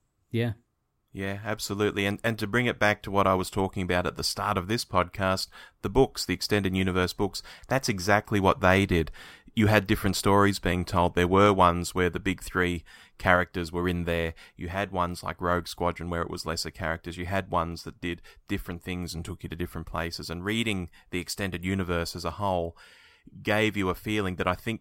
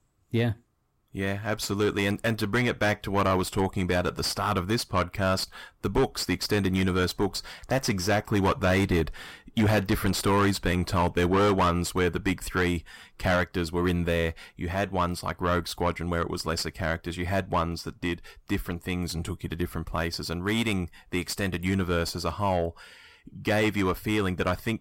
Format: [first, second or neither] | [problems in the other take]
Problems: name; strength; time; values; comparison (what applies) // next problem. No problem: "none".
first | distortion; heavy; 8 dB below the speech